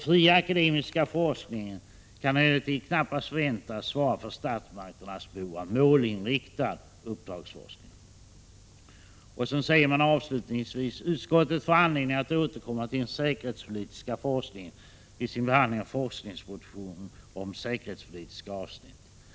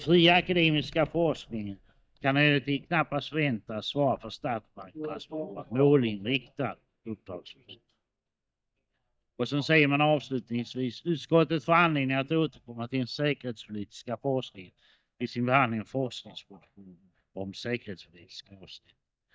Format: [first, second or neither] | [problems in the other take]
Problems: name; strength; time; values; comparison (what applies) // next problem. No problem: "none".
first | noise reduction (neural mask model DeepFilterNet 3)